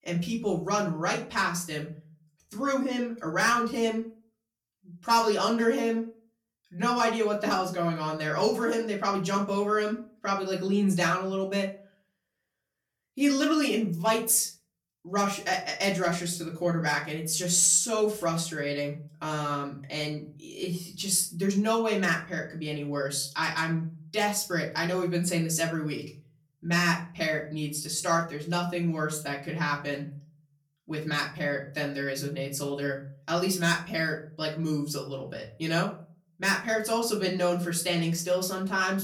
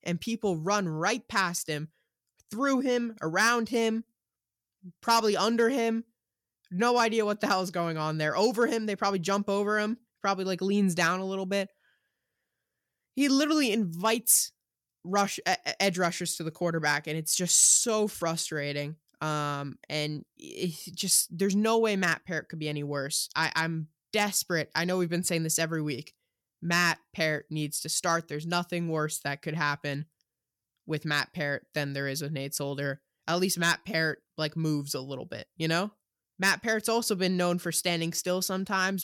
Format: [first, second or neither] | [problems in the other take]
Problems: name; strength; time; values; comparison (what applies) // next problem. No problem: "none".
second | room echo; slight; dies away in 0.4 s // off-mic speech; far